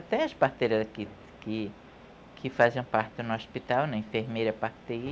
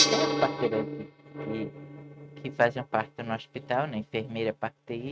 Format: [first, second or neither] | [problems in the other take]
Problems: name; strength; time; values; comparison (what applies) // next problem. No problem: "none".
first | noise reduction (neural mask model RNNoise)